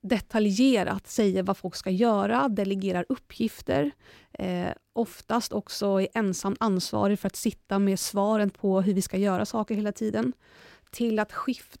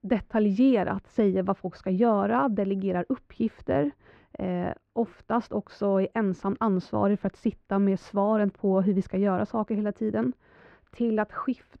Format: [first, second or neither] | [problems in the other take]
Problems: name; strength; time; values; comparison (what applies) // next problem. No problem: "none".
first | muffled; very; fading above 1.5 kHz